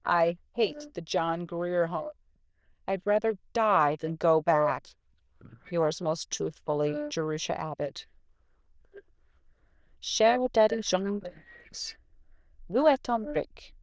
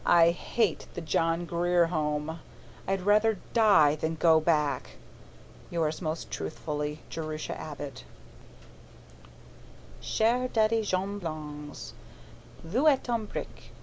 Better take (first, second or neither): second